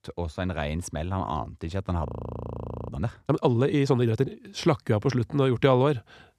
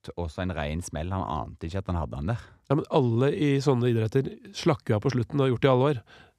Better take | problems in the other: second | audio freezing; at 2 s for 1 s

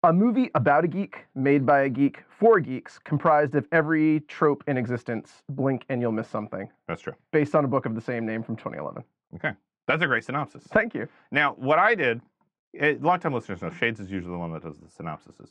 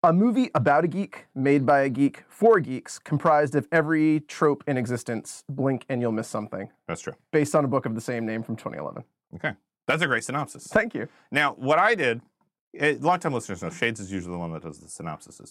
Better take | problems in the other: second | muffled; slightly; fading above 2.5 kHz

